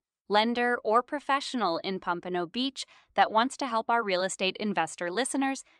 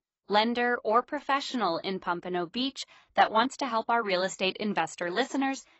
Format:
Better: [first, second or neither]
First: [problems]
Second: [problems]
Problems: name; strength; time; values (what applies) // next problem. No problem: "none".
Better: first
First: none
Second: garbled, watery; badly; nothing above 8 kHz